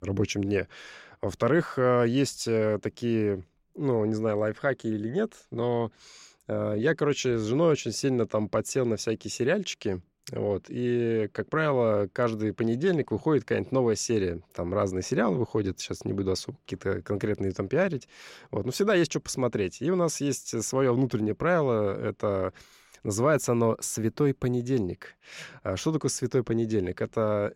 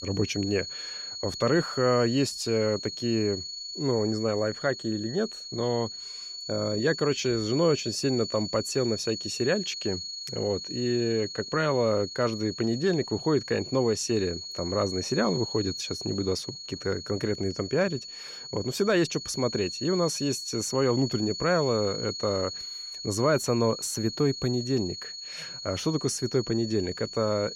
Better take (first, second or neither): first